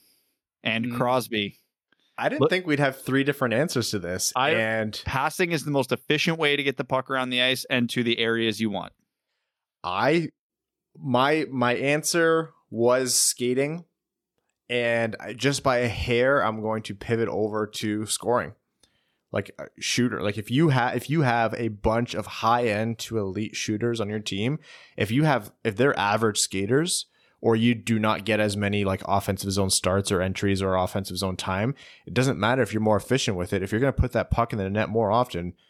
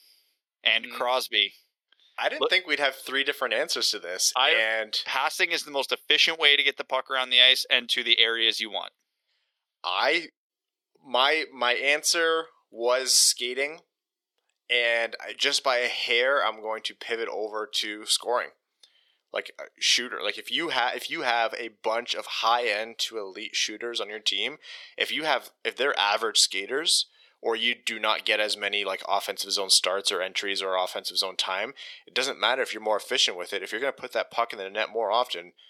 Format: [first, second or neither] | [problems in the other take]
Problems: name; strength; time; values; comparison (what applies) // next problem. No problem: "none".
first | thin; very; fading below 450 Hz